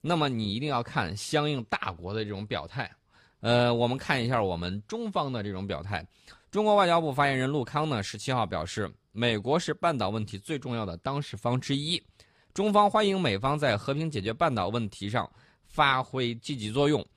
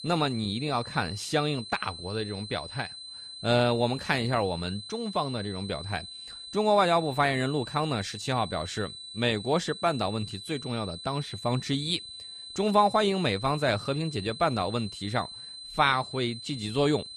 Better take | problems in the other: first | high-pitched whine; noticeable; throughout; 4 kHz, 10 dB below the speech

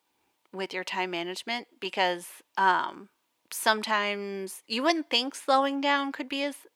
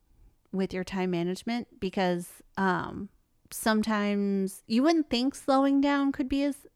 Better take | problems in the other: second | thin; somewhat; fading below 450 Hz

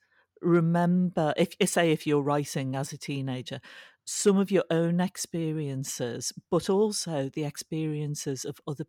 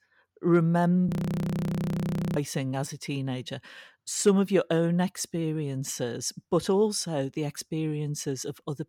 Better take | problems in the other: first | audio freezing; at 1 s for 1.5 s

